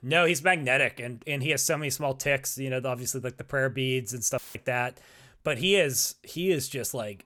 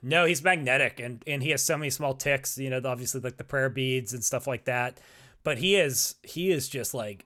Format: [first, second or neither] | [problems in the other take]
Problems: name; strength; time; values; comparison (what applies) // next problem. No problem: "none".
second | audio cutting out; filled with static; at 4.5 s